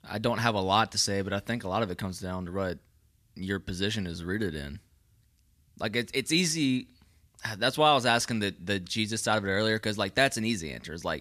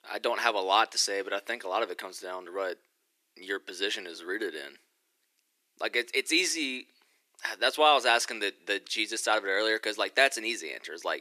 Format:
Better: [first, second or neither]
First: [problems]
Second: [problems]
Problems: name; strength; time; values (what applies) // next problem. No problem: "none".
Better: first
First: none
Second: thin; very; fading below 350 Hz